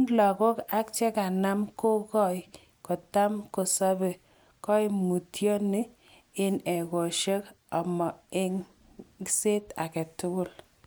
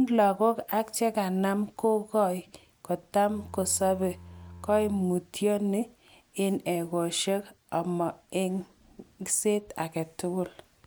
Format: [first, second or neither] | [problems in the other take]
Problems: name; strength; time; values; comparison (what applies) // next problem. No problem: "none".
first | background sound (Bowed string instrument); 18 dB below the speech